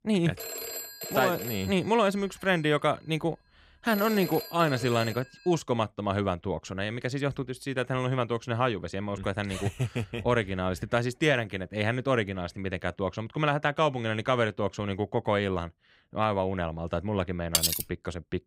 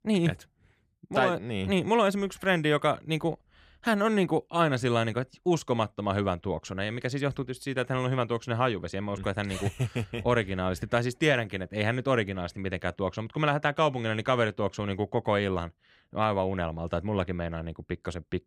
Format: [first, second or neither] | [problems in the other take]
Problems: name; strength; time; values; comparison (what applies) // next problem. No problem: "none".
second | phone ringing; noticeable; until 5.5 s; peak 5 dB below the speech // clattering dishes; loud; at 18 s; peak 4 dB above the speech